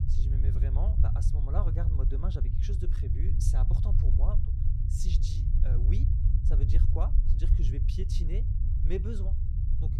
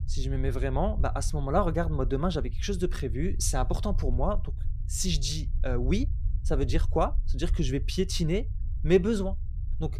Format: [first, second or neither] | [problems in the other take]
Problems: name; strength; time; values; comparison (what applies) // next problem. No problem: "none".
second | low rumble; loud; throughout; 1 dB below the speech; faint in the second